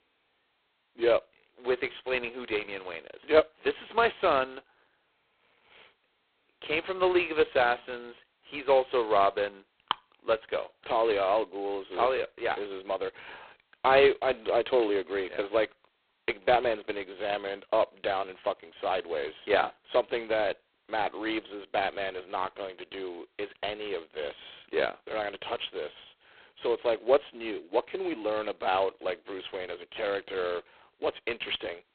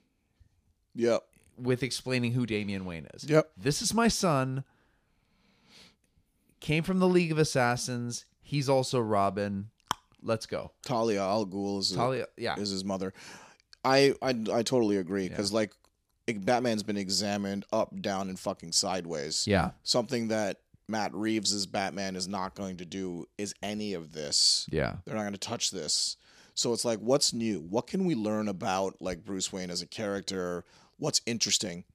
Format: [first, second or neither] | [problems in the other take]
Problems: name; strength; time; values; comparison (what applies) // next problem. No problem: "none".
second | phone-call audio; poor line; nothing above 4 kHz